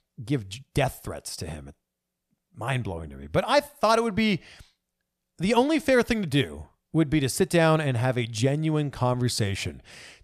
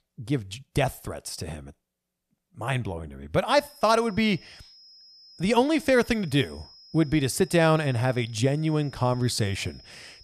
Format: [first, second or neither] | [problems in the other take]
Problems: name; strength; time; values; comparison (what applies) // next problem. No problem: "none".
first | high-pitched whine; faint; from 3.5 s on; 5 kHz, 25 dB below the speech